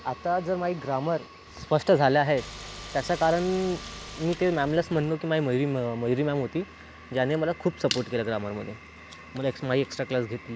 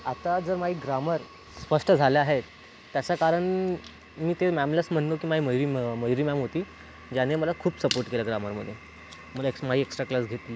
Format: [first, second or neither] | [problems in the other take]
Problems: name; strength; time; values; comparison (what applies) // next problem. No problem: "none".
second | background sound (Car); 14 dB below the speech